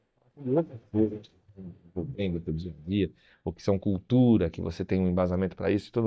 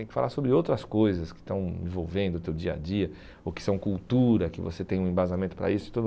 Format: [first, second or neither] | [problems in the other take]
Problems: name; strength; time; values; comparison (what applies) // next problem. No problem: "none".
second | noise reduction (neural mask model DeepFilterNet 3)